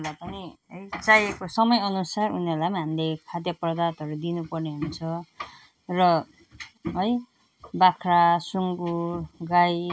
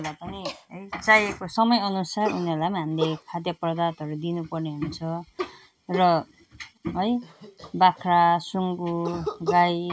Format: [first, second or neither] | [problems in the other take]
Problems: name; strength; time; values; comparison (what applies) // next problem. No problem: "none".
first | background sound (Cough); 13 dB below the speech